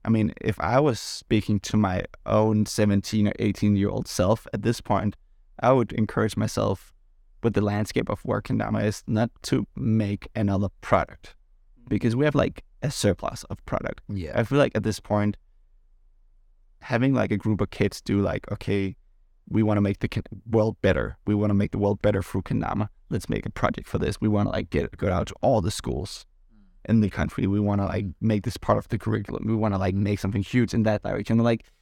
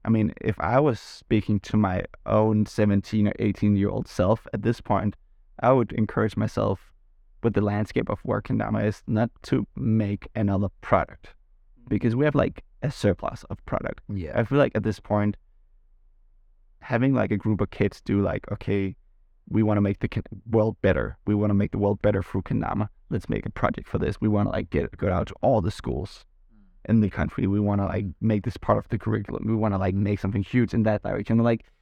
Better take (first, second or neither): first